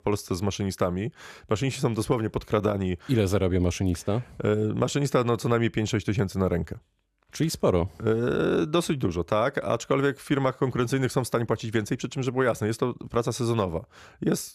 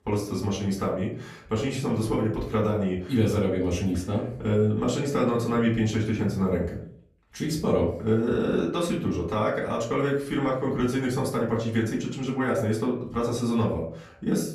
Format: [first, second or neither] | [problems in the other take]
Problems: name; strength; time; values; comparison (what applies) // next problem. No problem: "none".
first | off-mic speech; far // room echo; slight; dies away in 0.5 s